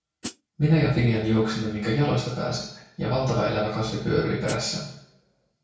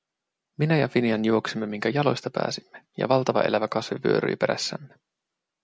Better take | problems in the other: second | background sound (Hi-hat); 12 dB below the speech // room echo; dies away in 0.6 s

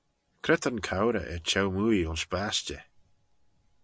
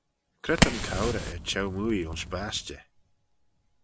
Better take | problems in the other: first | background sound (Fire); 2 dB above the speech

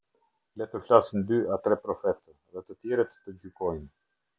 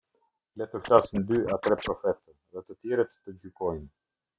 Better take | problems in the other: first | noise reduction (neural mask model RNNoise)

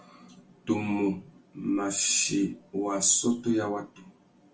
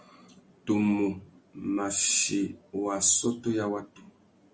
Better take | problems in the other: second | room echo; dies away in 0.2 s

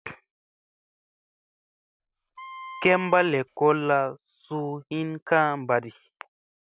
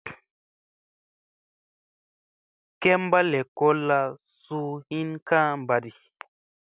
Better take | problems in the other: second | background sound (Wind instrument, woodwind instrument); 15 dB below the speech

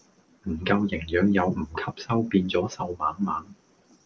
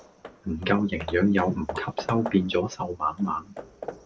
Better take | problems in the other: first | background sound (Hammer / Wood); 13 dB below the speech

